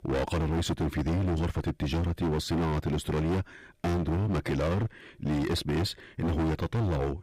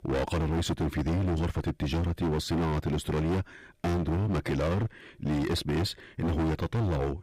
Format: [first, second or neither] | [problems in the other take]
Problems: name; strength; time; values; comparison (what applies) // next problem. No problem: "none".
neither | distortion; heavy; 33% of the sound clipped; the same in both